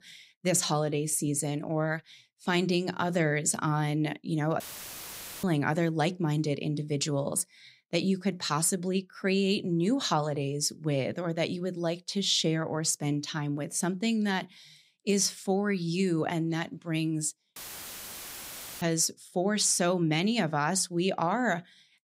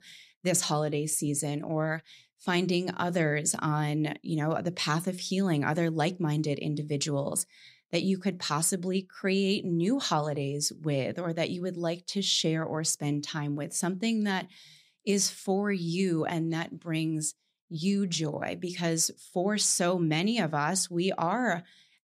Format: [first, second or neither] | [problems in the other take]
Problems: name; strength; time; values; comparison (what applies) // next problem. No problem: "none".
second | audio cutting out; filled with static; at 4.5 s for 1 s and at 18 s for 1.5 s